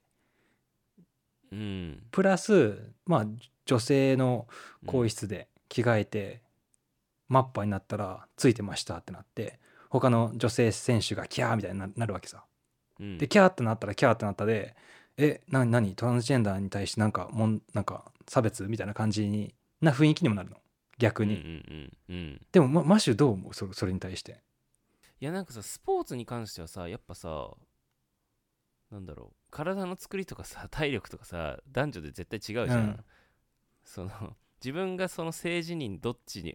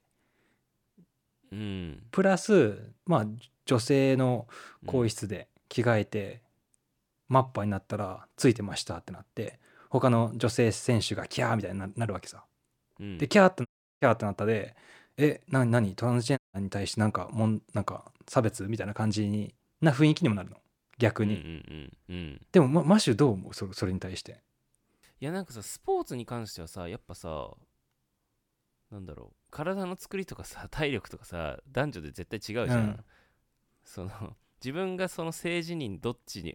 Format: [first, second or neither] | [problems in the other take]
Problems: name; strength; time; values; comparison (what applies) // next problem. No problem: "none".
first | audio cutting out; at 14 s and at 16 s